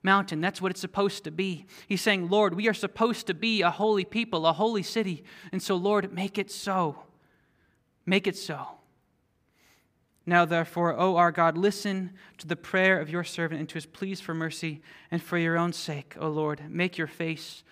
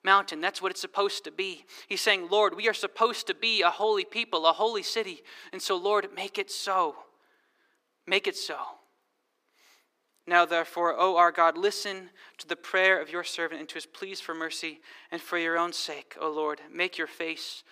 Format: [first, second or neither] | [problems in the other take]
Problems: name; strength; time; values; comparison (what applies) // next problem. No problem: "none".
first | thin; very; fading below 350 Hz